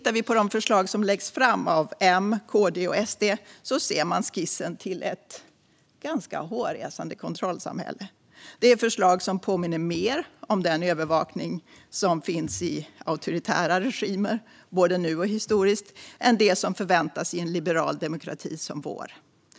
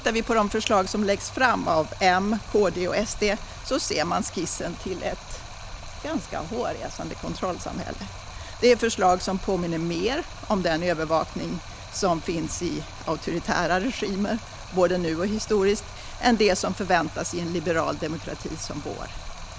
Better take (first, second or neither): first